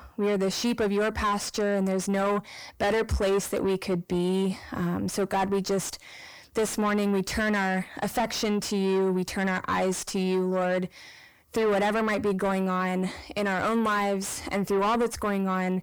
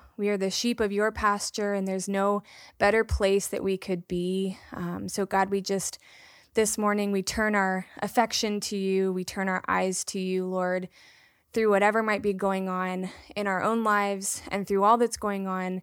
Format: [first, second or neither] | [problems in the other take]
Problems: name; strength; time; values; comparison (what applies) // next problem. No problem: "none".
second | distortion; heavy; 7 dB below the speech